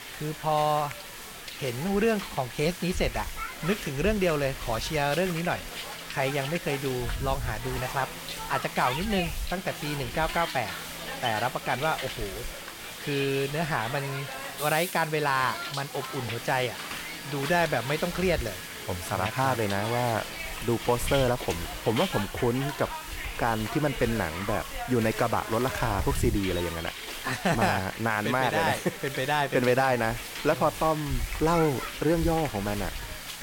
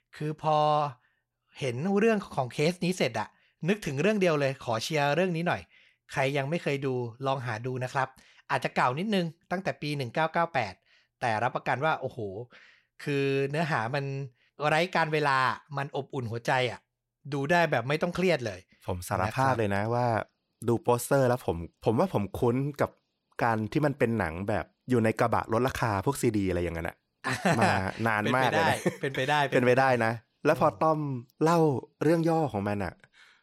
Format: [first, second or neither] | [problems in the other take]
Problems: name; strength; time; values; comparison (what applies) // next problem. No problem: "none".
second | hiss; loud; throughout; 7 dB below the speech